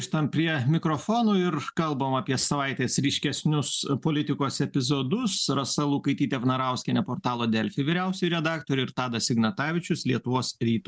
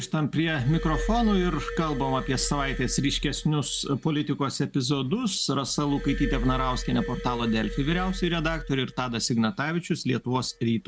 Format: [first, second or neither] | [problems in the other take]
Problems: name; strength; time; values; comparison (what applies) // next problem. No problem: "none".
first | background sound (Glass); 9 dB below the speech